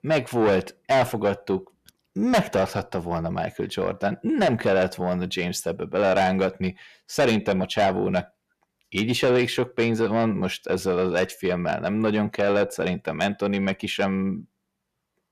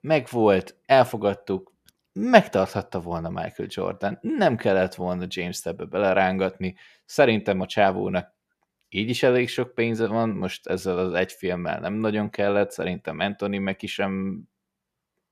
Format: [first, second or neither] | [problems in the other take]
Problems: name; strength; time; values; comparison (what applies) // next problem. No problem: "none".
second | distortion; heavy; 8 dB below the speech